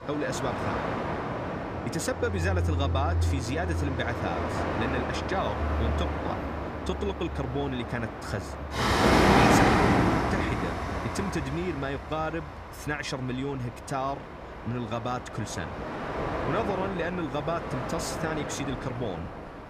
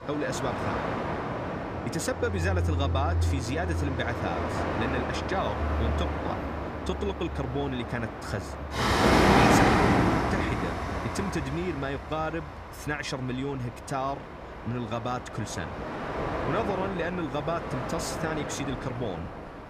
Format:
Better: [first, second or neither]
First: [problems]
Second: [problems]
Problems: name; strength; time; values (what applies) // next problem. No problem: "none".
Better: neither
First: train or aircraft noise; very loud; throughout; 4 dB above the speech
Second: train or aircraft noise; very loud; throughout; 4 dB above the speech